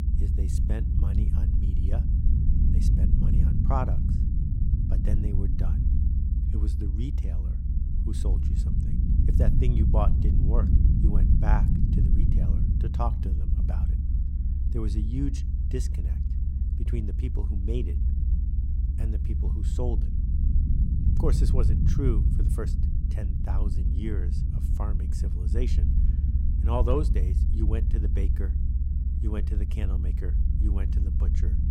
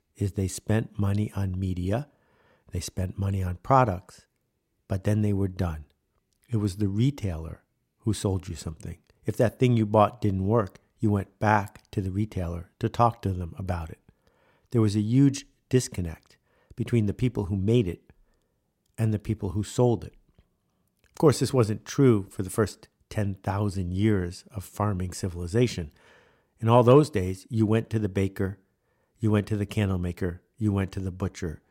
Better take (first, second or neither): second